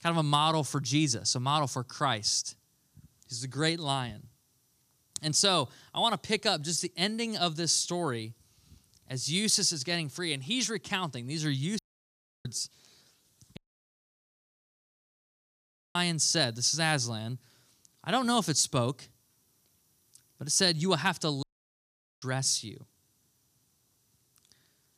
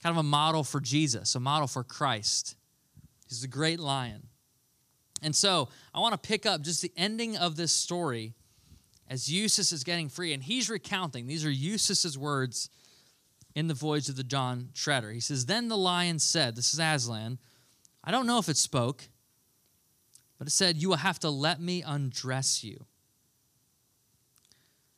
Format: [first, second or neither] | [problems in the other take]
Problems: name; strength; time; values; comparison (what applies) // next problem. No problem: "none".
second | audio cutting out; at 12 s for 0.5 s, at 14 s for 2.5 s and at 21 s for 1 s